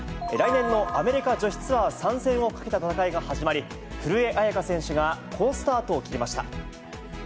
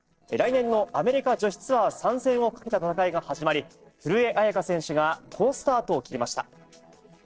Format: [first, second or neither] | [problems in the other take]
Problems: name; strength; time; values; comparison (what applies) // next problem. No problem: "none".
first | noise reduction (neural separator model SepFormer DNS4)